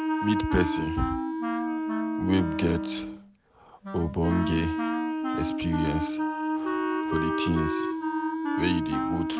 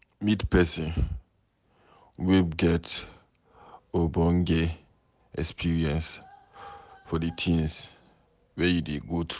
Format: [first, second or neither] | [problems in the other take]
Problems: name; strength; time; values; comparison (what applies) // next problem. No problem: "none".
second | background sound (Wind instrument, woodwind instrument + Wind instrument, woodwind instrument); 2 dB above the speech